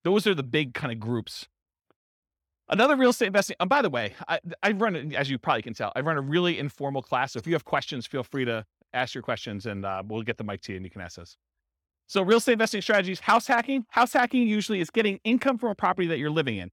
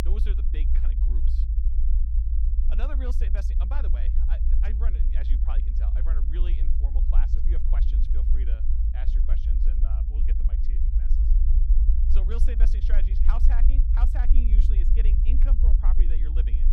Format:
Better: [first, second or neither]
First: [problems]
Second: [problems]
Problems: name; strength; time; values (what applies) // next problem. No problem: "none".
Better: first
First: none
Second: low rumble; loud; throughout; 2 dB below the speech